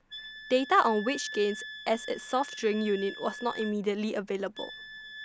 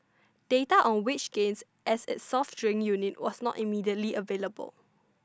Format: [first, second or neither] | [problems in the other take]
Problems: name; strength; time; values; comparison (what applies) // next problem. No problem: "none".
second | background sound (Wind instrument, woodwind instrument); 13 dB below the speech